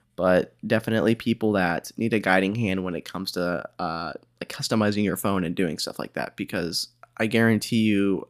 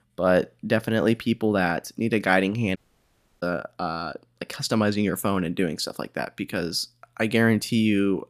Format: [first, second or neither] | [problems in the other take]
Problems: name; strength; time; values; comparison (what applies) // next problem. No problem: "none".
first | audio cutting out; at 3 s for 0.5 s